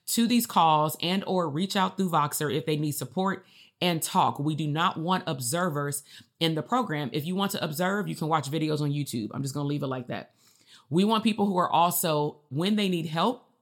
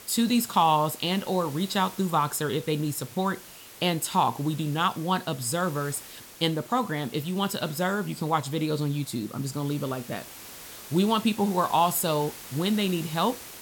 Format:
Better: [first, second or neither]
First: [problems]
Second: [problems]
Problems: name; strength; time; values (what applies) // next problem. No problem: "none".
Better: first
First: none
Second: hiss; noticeable; throughout; 15 dB below the speech